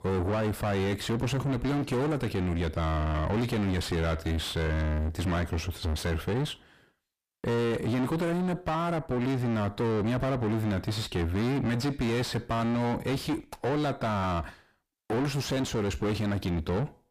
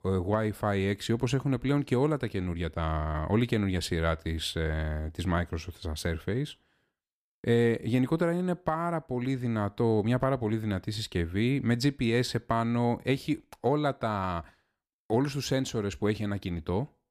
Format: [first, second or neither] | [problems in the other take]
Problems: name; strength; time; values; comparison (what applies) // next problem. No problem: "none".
second | distortion; heavy; 5 dB below the speech